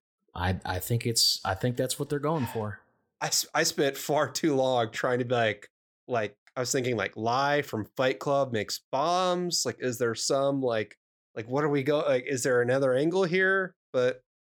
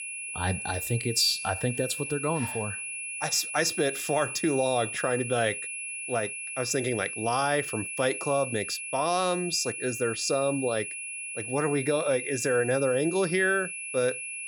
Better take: first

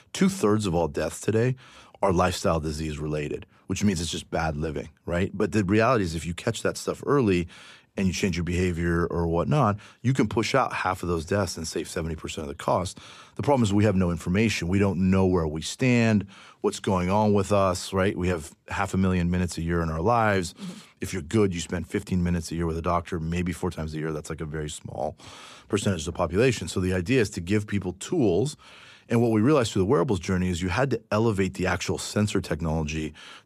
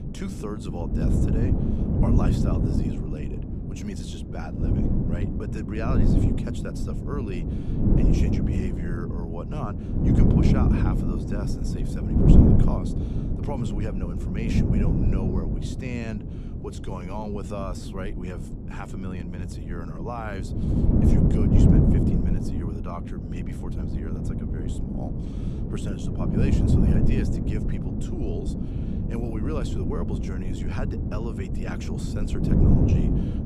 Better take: first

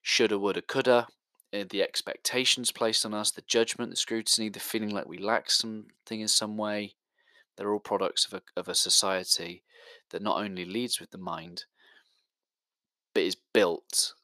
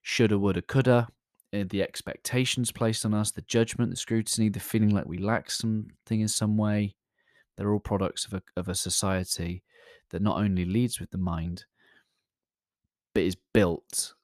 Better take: second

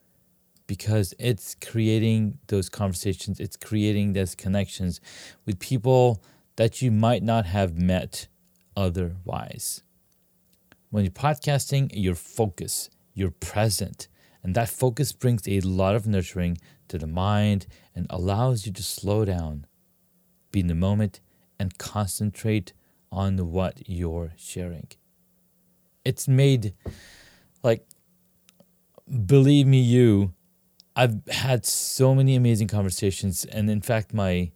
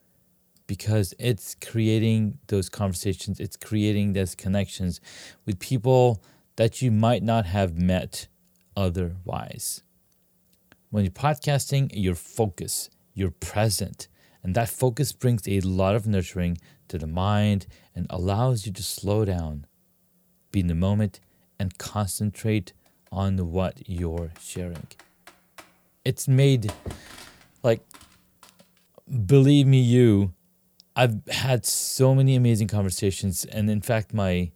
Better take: first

